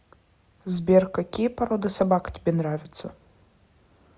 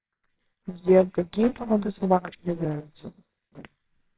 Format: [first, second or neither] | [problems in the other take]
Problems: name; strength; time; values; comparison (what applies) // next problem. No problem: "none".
first | noise reduction (neural separator model SepFormer WHAMR!)